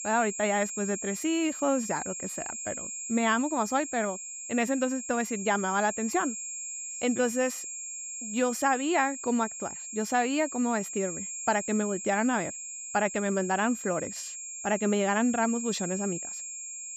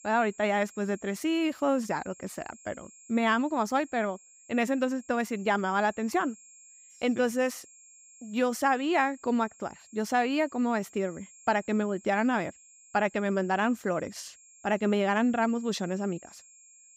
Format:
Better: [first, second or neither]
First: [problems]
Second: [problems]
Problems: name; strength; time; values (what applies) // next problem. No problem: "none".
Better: second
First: high-pitched whine; loud; throughout; 7.5 kHz, 7 dB below the speech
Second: high-pitched whine; faint; throughout; 7.5 kHz, 25 dB below the speech